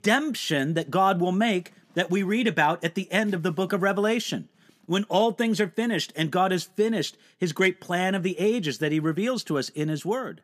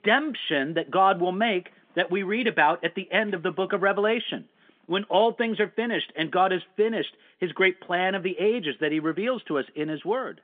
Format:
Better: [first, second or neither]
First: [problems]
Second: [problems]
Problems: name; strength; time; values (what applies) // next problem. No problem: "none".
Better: first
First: none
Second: phone-call audio; nothing above 3.5 kHz